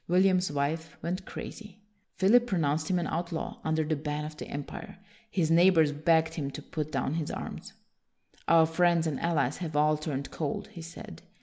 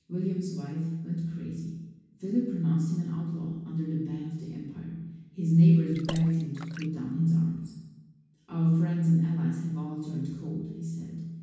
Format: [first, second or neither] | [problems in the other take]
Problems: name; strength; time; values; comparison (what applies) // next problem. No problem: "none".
first | background sound (Water / Splash, splatter); 17 dB below the speech // room echo; dies away in 1.2 s